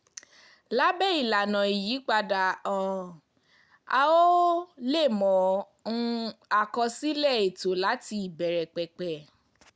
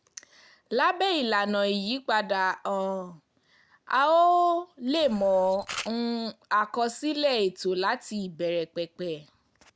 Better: first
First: none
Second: background sound (Camera); 13 dB below the speech

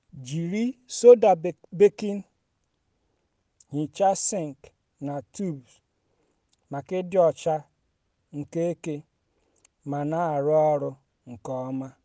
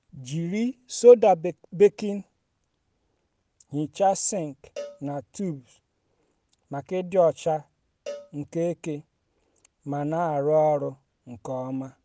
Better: first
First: none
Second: background sound (Cowbell); 19 dB below the speech

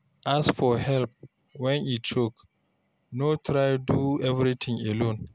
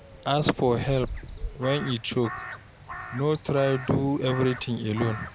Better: first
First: none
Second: background sound (Crow); 12 dB below the speech

